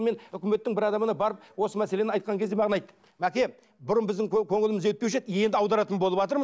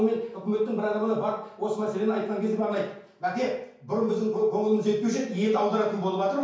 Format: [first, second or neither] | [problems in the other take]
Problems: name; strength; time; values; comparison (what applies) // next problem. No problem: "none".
first | room echo; dies away in 0.5 s